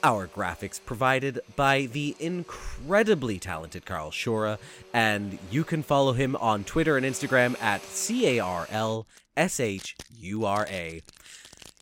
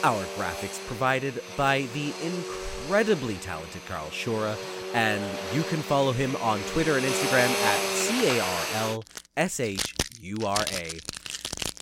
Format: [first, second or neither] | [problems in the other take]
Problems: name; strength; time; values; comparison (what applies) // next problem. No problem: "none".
first | household noises; loud; throughout; 3 dB below the speech; faint in the first